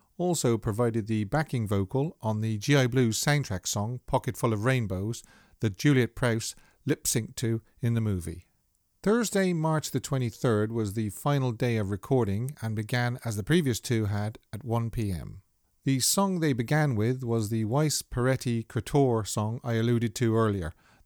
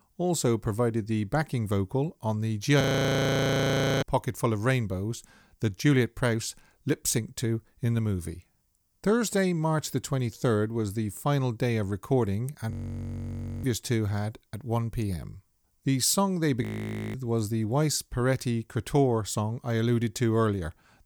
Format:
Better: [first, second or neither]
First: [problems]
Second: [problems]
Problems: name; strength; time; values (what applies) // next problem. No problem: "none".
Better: first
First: none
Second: audio freezing; at 3 s for 1 s, at 13 s for 1 s and at 17 s for 0.5 s